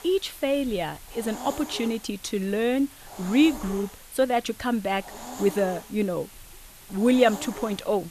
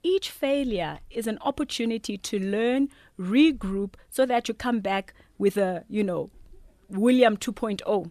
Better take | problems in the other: second | hiss; noticeable; throughout; 15 dB below the speech

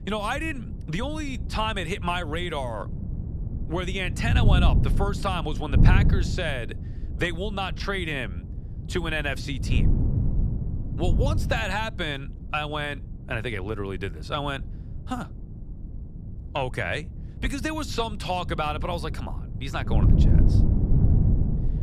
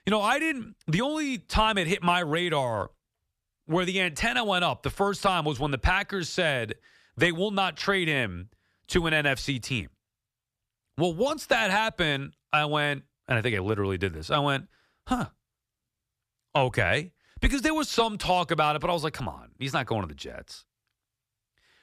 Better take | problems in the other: second | wind noise on the microphone; heavy; 10 dB below the speech

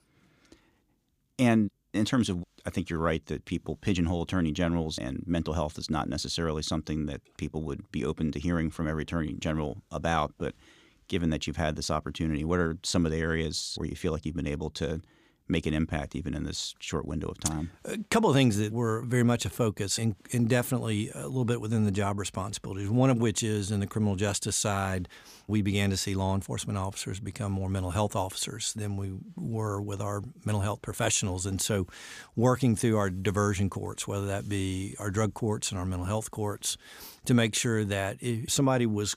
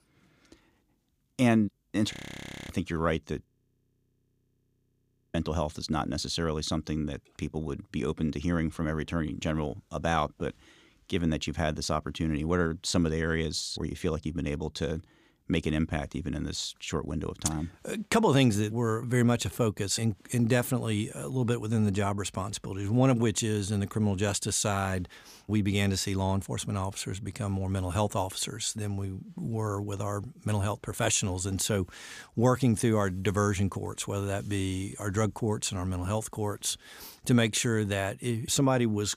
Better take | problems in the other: first | audio freezing; at 2 s for 0.5 s and at 3.5 s for 2 s

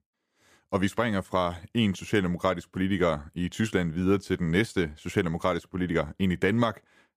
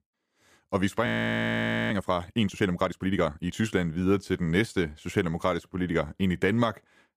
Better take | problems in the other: first | audio freezing; at 1 s for 1 s

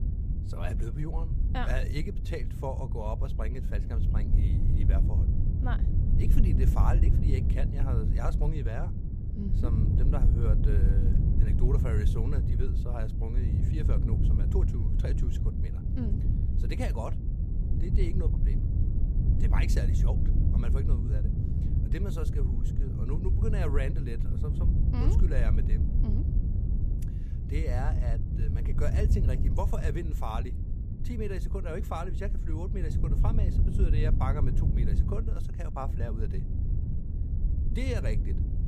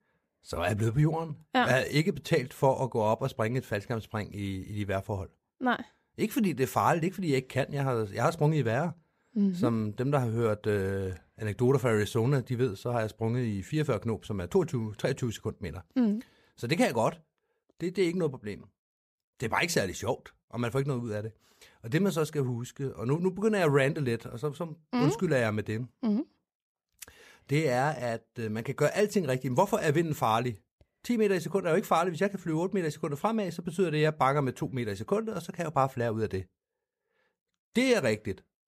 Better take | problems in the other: second | wind noise on the microphone; heavy; 3 dB below the speech

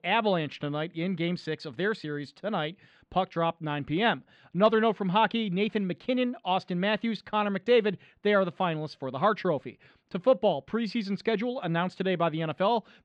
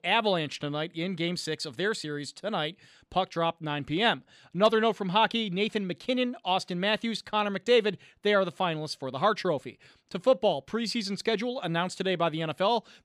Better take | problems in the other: second | muffled; slightly; fading above 3 kHz

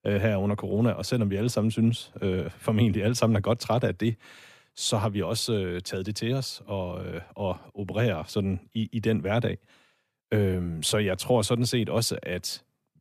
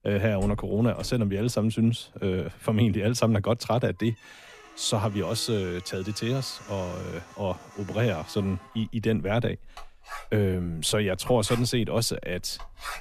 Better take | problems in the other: first | household noises; noticeable; throughout; 20 dB below the speech

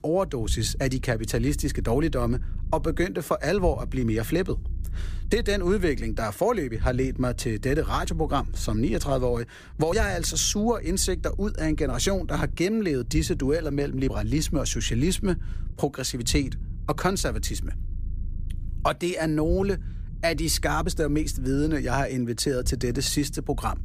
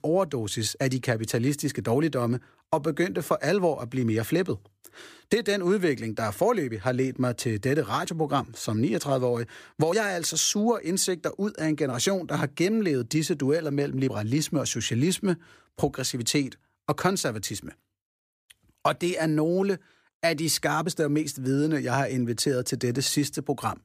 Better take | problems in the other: second | low rumble; faint; throughout; 25 dB below the speech

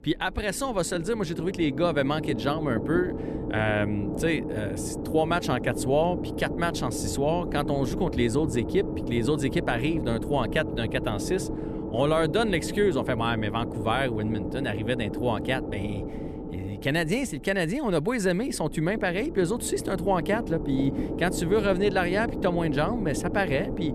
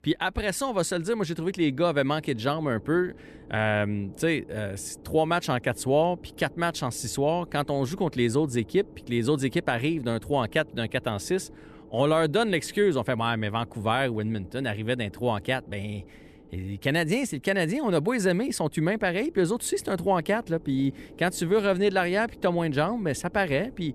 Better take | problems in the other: second | low rumble; loud; throughout; 8 dB below the speech; faint in the second

